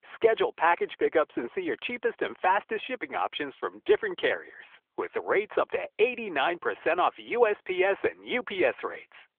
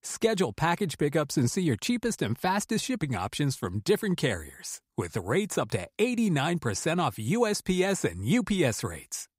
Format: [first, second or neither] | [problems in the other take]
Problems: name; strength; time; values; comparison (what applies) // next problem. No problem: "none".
second | phone-call audio; nothing above 3.5 kHz